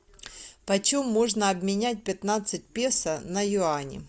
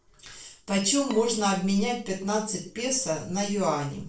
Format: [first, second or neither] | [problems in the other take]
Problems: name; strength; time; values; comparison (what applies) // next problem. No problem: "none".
first | noise reduction (neural separator model SepFormer DNS4)